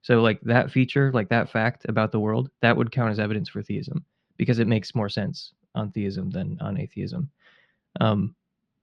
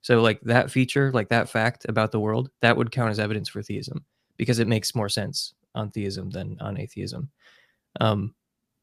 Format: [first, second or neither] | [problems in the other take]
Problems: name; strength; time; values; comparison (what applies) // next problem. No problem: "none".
second | muffled; very slightly; fading above 3.5 kHz